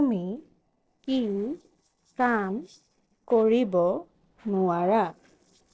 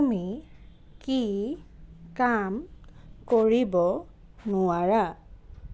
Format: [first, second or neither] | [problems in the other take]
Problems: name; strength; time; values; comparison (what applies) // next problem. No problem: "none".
second | noise reduction (neural separator model SepFormer DNS4)